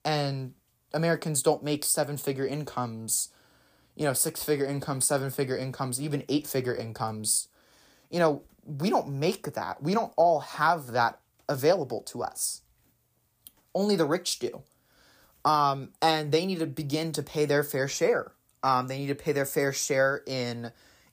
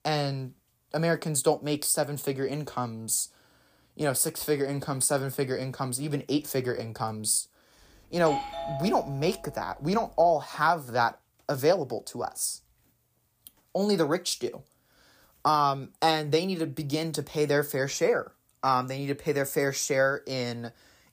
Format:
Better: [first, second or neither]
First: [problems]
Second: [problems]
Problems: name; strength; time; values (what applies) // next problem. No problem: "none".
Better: first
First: none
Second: doorbell; noticeable; from 8.5 to 9.5 s; peak 5 dB below the speech